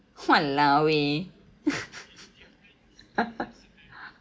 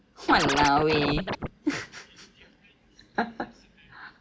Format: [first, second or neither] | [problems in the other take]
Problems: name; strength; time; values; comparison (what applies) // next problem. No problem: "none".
first | background sound (Scratching (performance technique)); as loud as the speech